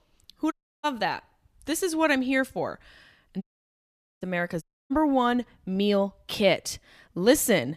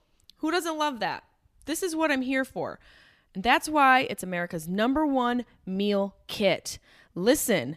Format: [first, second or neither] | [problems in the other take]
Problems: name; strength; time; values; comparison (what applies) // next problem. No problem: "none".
second | audio cutting out; at 0.5 s, at 3.5 s for 1 s and at 4.5 s